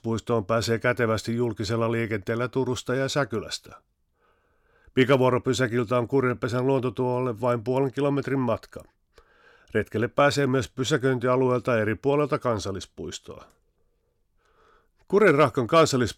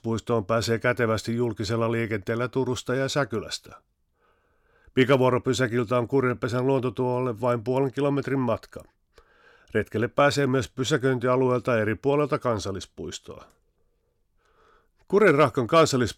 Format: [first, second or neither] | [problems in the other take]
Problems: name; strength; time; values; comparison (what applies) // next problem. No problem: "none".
neither | none